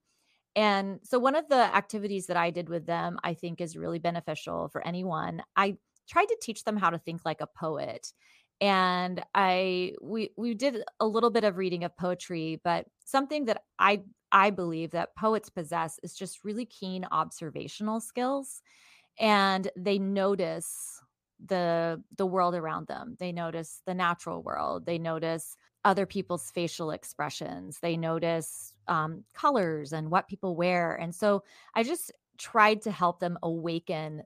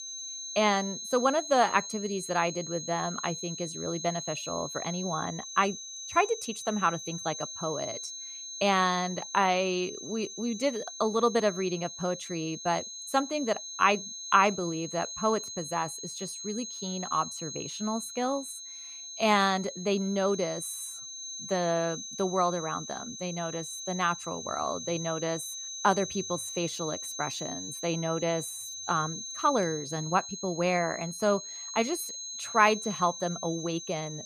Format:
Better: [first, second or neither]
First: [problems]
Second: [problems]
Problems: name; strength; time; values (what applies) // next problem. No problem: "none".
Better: first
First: none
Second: high-pitched whine; loud; throughout; 6.5 kHz, 8 dB below the speech